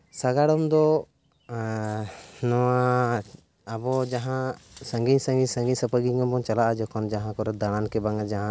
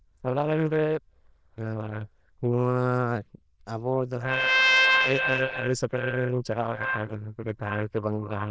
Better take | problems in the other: first | noise reduction (neural diffusion model UNIVERSE++)

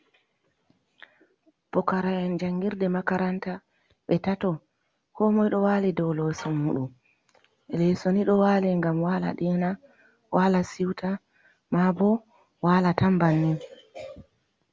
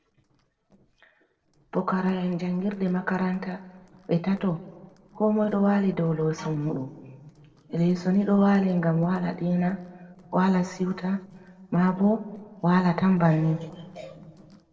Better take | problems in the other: first | noise reduction (neural separator model SepFormer DNS4)

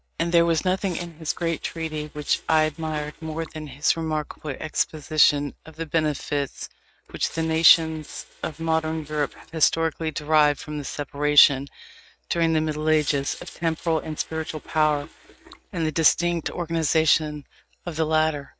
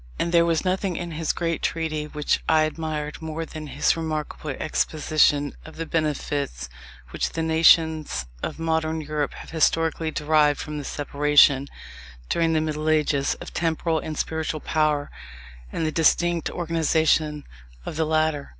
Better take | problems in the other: second | noise reduction (neural mask model RNNoise)

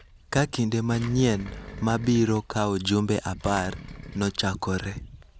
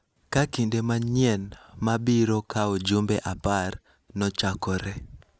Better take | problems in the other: second | background sound (Engine); 17 dB below the speech

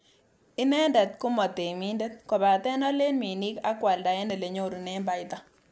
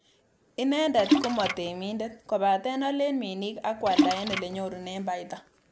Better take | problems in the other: first | background sound (Splash, splatter); as loud as the speech

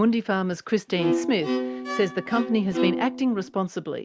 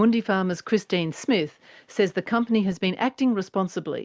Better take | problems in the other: second | background sound (Bowed string instrument); 3 dB below the speech

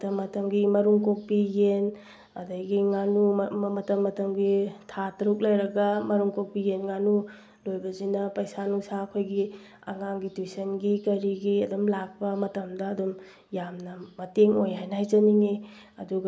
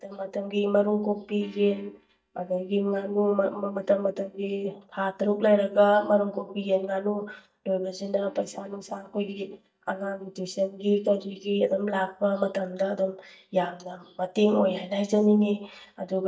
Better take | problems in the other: first | noise reduction (neural mask model DeepFilterNet 3)

